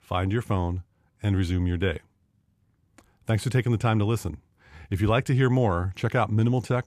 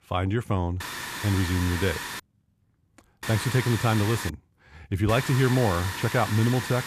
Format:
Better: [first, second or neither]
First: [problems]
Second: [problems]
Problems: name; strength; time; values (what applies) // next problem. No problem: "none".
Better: first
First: none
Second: hiss; loud; from 1 to 2 s, from 3 to 4.5 s and from 5 s on; 7 dB below the speech